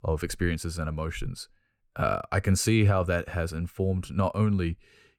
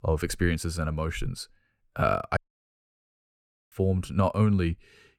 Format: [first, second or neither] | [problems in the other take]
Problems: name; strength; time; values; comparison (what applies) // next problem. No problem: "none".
first | audio cutting out; at 2.5 s for 1.5 s